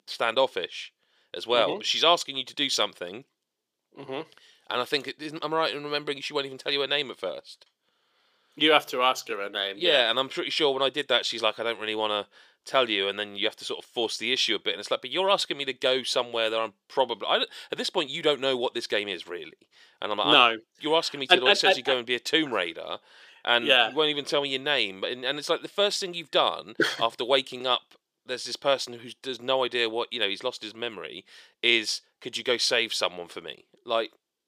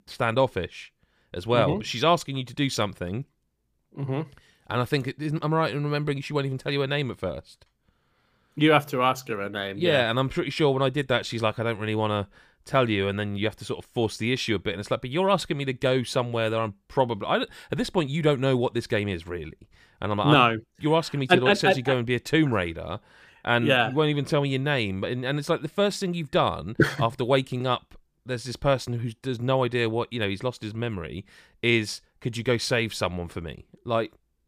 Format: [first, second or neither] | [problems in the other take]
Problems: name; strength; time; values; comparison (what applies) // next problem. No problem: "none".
second | thin; somewhat; fading below 450 Hz